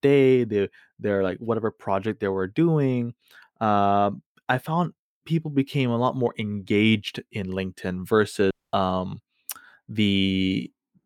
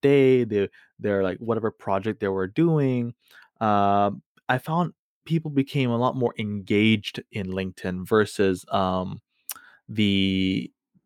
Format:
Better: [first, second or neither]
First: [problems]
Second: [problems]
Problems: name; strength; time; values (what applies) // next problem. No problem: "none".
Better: second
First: audio cutting out; at 8.5 s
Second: none